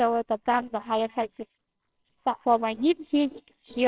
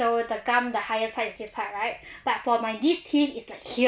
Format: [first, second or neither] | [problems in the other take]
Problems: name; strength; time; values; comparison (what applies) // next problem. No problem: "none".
second | noise reduction (neural separator model SepFormer WHAMR!)